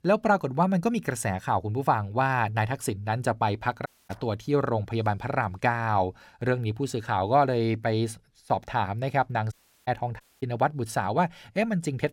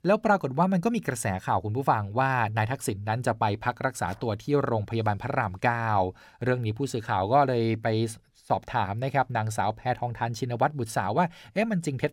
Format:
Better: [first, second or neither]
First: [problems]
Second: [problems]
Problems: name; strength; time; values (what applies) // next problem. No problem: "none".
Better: second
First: audio cutting out; at 4 s, at 9.5 s and at 10 s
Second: none